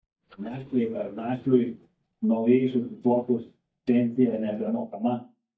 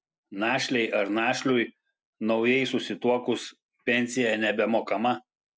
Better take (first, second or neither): second